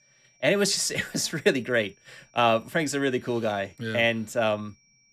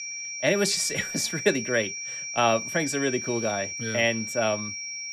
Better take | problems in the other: first | high-pitched whine; loud; throughout; 5.5 kHz, 6 dB below the speech; faint in the first

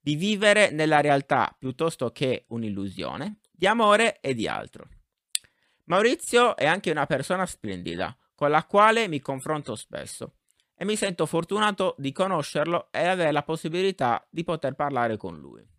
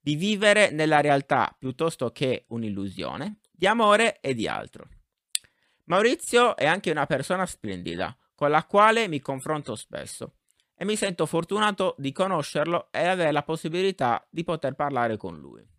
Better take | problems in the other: neither | none

